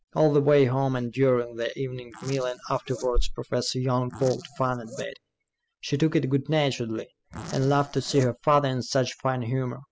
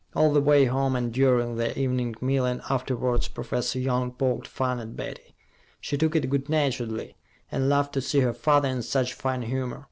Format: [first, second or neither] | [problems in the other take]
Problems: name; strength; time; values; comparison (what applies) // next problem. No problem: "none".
second | noise reduction (classical method spectral subtraction)